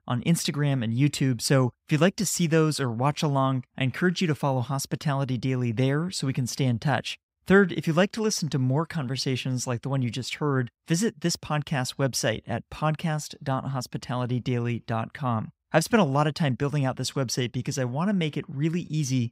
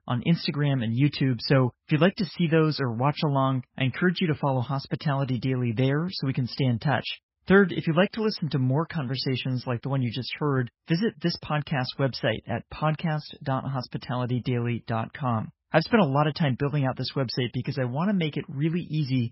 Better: first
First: none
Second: garbled, watery; badly; nothing above 5.5 kHz

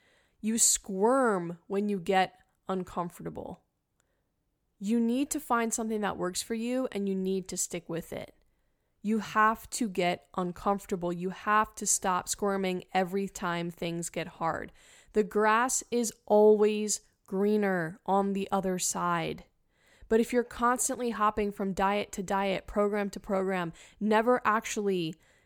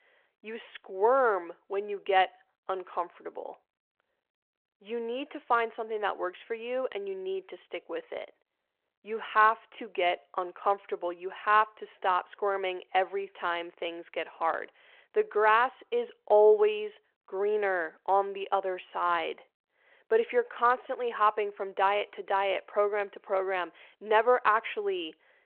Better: first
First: none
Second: phone-call audio

